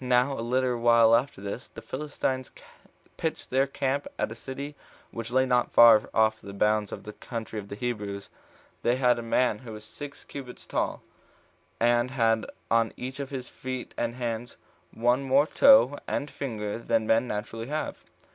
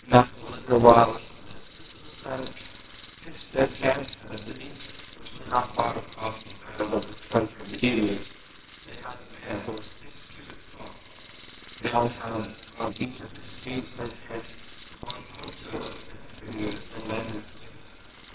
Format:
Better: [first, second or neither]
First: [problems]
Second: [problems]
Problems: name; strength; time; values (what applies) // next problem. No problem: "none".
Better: first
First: none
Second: noise reduction (neural separator model SepFormer WHAMR!)